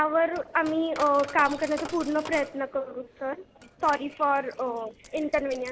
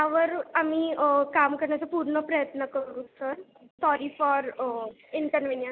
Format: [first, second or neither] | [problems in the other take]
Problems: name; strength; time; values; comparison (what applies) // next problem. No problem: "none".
second | background sound (Coin (dropping)); 17 dB below the speech